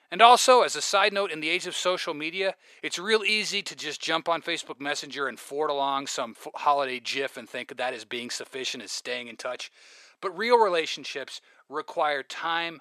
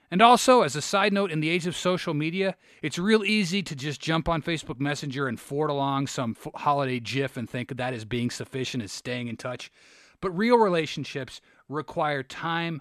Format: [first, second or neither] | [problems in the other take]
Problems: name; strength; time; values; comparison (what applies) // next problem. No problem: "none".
second | thin; somewhat; fading below 550 Hz